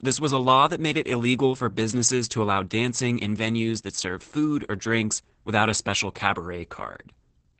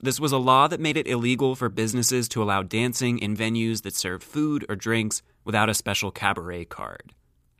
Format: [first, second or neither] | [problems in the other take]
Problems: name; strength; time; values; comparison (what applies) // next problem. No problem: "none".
second | garbled, watery; badly; nothing above 8 kHz